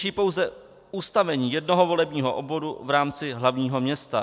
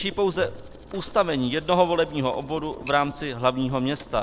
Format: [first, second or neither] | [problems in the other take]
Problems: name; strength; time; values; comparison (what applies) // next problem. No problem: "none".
first | background sound (Boiling + Typewriter); 17 dB below the speech